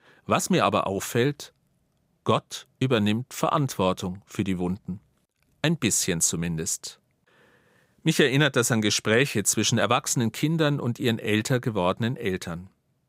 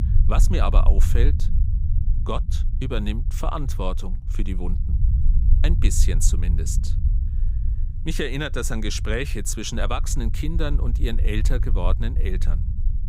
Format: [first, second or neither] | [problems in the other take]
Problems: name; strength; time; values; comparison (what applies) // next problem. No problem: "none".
first | low rumble; noticeable; throughout; 15 dB below the speech